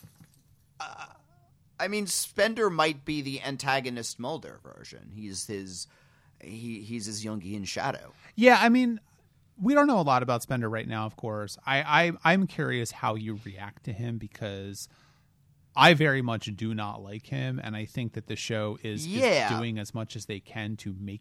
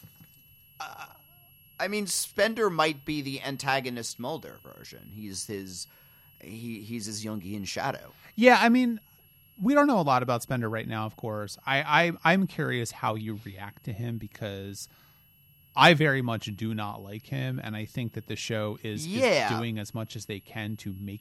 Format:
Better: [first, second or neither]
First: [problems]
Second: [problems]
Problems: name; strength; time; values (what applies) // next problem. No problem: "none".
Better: first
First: none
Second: high-pitched whine; faint; throughout; 11.5 kHz, 30 dB below the speech